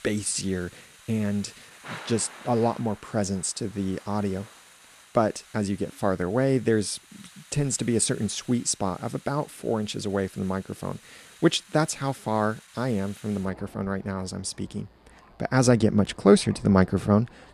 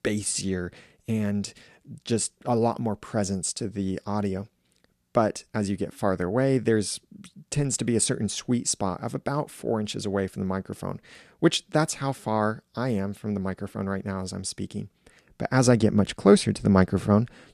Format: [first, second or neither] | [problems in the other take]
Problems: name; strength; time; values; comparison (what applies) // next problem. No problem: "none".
second | rain or running water; faint; throughout; 20 dB below the speech